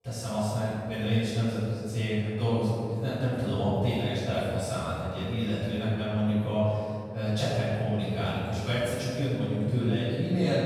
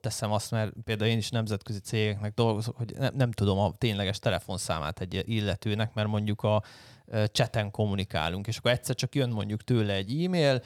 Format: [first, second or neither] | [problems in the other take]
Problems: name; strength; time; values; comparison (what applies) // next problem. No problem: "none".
second | room echo; strong; dies away in 2.1 s // off-mic speech; far